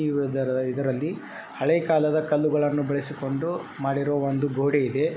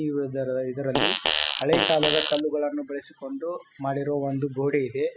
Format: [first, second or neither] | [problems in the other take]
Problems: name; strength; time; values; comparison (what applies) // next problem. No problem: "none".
first | noise reduction (classical method spectral subtraction)